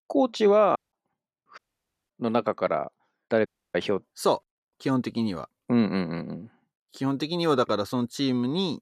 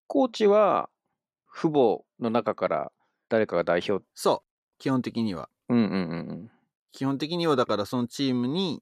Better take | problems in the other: second | audio cutting out; at 1 s, at 1.5 s for 0.5 s and at 3.5 s

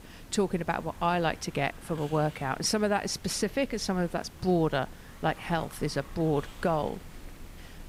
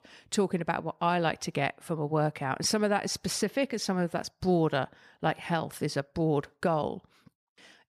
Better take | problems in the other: second | hiss; noticeable; throughout; 20 dB below the speech

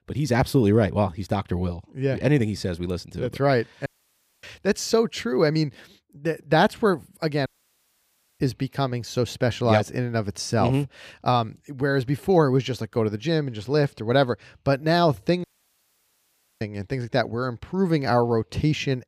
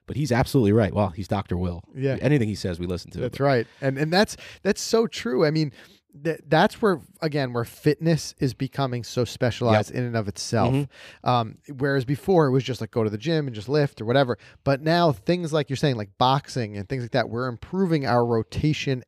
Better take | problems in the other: second | audio cutting out; at 4 s for 0.5 s, at 7.5 s for 1 s and at 15 s for 1 s

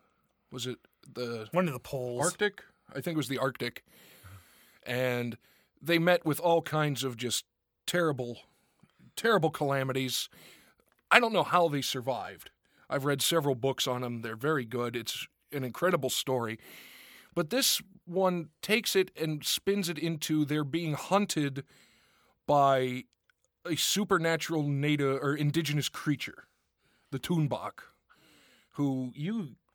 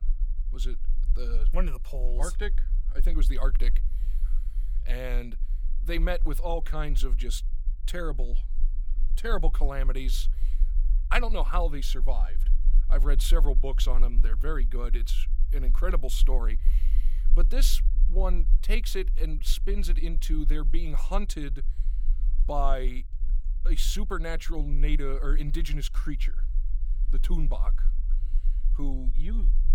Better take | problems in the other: first | low rumble; faint; throughout; 20 dB below the speech

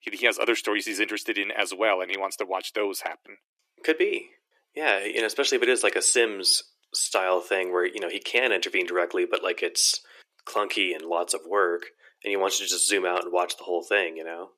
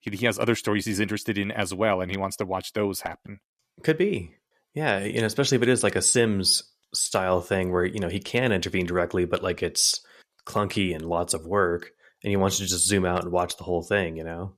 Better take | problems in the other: second | thin; very; fading below 350 Hz

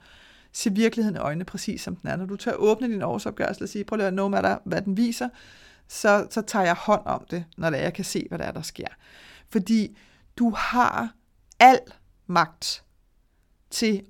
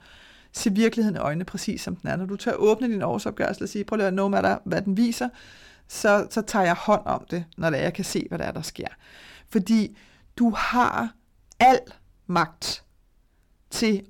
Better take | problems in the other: first | distortion; slight; 10 dB below the speech

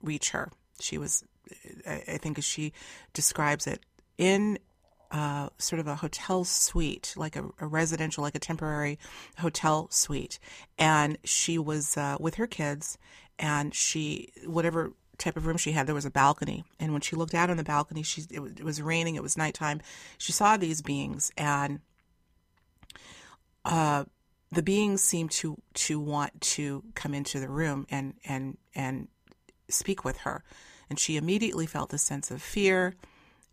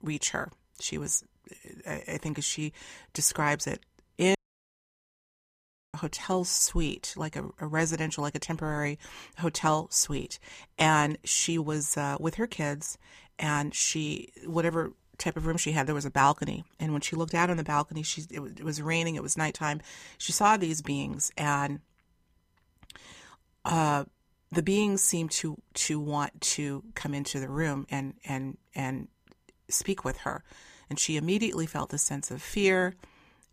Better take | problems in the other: first | audio cutting out; at 4.5 s for 1.5 s

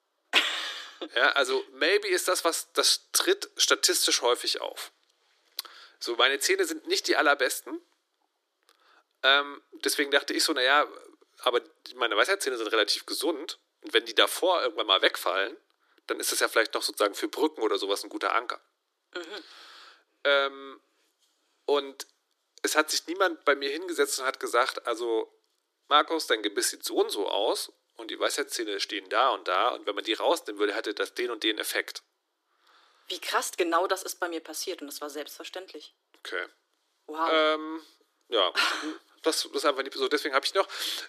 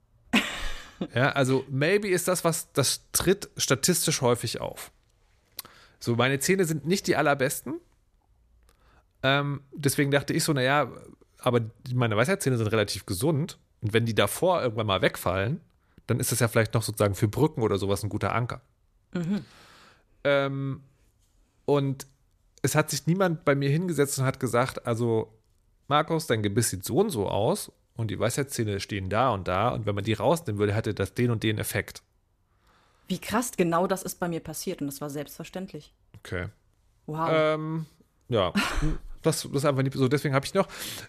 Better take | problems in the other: second | thin; very; fading below 300 Hz

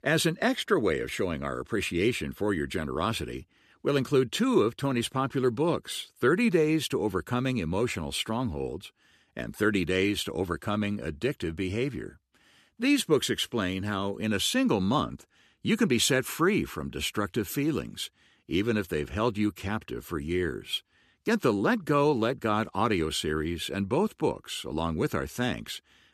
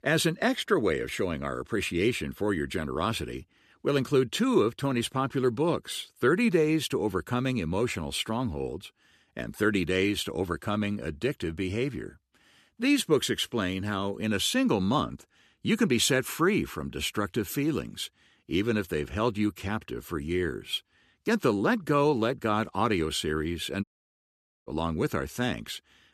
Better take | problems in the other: first | audio cutting out; at 24 s for 1 s

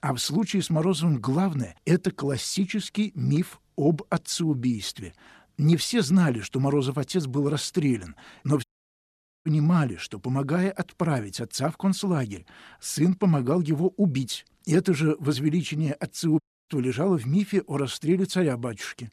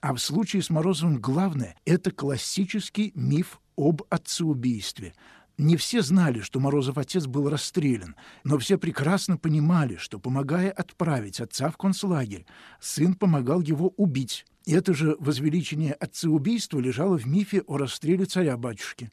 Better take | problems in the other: second | audio cutting out; at 8.5 s for 1 s and at 16 s

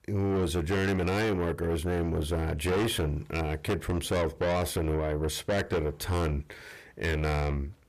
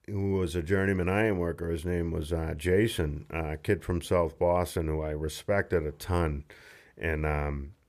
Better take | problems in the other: second | distortion; heavy; 6 dB below the speech

